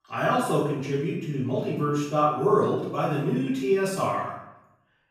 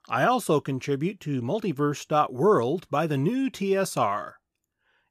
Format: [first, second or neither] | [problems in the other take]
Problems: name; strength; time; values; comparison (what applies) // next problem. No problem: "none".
second | off-mic speech; far // room echo; noticeable; dies away in 0.7 s